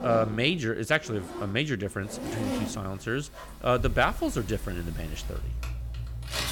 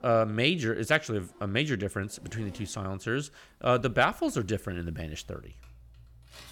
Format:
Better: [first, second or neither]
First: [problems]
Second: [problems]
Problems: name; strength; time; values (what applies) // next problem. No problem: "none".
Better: second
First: household noises; loud; throughout; 8 dB below the speech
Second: household noises; faint; throughout; 25 dB below the speech